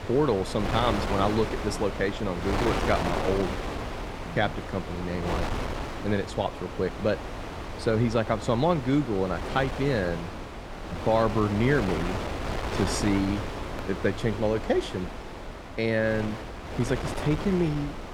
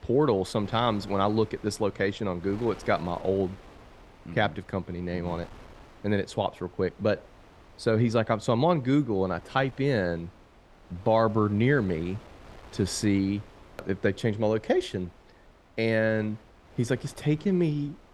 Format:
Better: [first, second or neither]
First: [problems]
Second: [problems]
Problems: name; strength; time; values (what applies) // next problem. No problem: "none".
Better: second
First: wind noise on the microphone; heavy; 5 dB below the speech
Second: wind noise on the microphone; occasional gusts; 20 dB below the speech